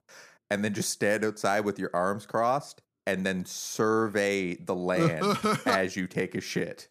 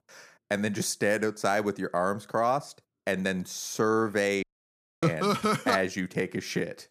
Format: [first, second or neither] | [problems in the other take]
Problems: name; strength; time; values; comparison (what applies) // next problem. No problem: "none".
first | audio cutting out; at 4.5 s for 0.5 s